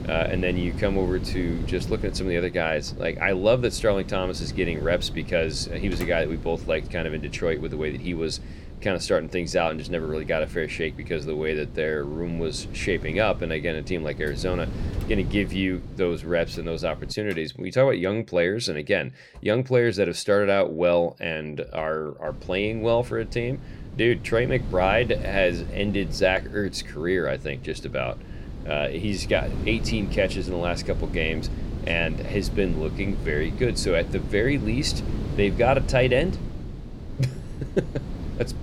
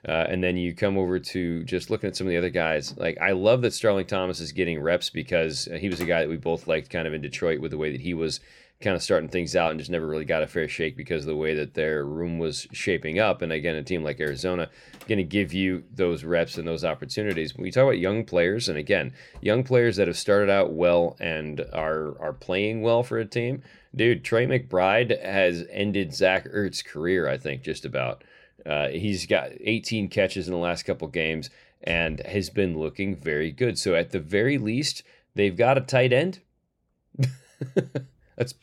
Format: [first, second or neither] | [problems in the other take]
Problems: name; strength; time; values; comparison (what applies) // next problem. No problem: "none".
second | wind noise on the microphone; occasional gusts; until 17 s and from 22 s on; 15 dB below the speech